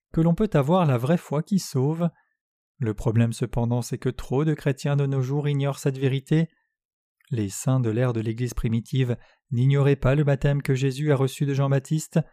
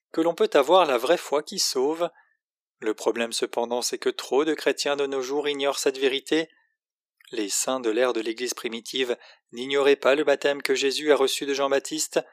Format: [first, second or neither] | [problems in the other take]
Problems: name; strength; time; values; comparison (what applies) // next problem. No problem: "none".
first | thin; very; fading below 350 Hz